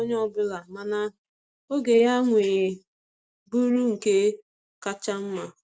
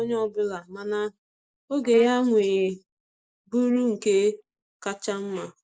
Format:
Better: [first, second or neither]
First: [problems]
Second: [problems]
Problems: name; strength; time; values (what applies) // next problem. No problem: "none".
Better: first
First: none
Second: noise reduction (neural mask model Resemble Enhance denoiser)